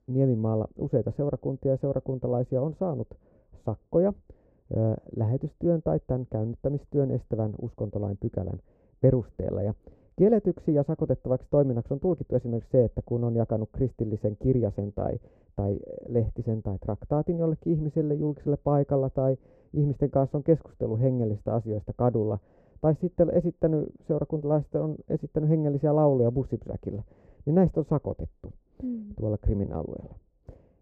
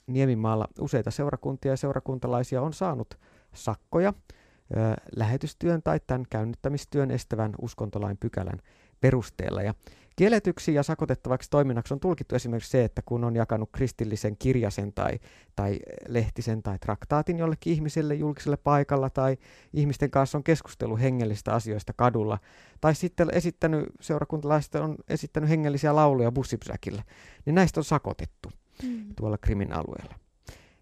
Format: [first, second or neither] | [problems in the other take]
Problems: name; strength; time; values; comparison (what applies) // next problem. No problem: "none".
second | muffled; very; fading above 1 kHz